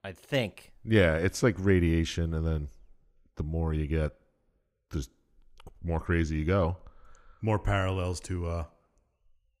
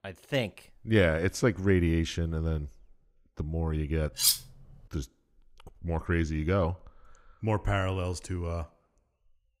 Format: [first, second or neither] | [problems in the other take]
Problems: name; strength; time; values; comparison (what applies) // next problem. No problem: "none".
first | clattering dishes; loud; at 4 s; peak 5 dB above the speech